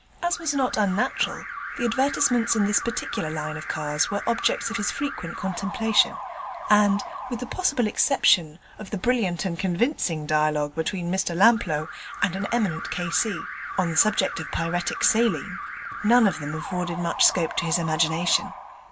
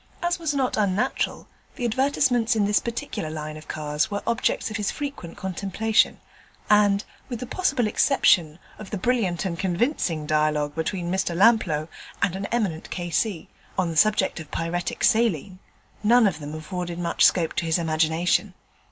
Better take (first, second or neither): second